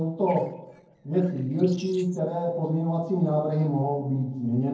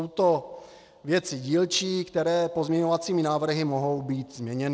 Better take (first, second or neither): second